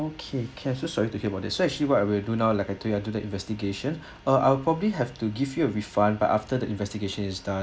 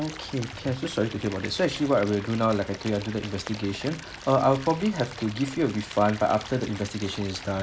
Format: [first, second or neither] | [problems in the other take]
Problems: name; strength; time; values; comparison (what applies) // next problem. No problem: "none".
first | background sound (Stream / Liquid); 14 dB below the speech